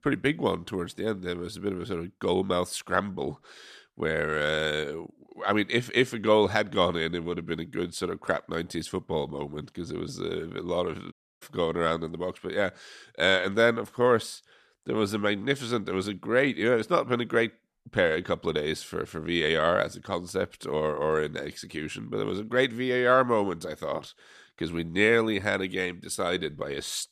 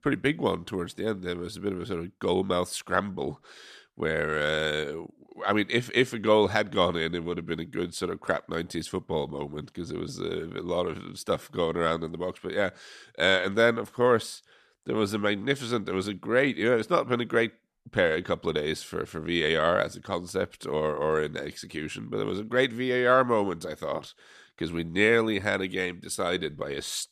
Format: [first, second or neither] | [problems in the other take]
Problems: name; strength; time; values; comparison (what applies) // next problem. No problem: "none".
second | audio cutting out; at 11 s